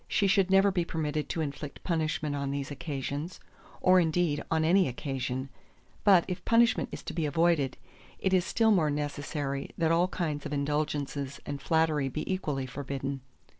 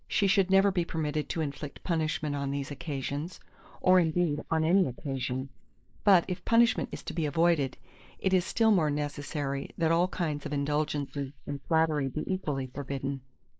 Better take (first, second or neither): first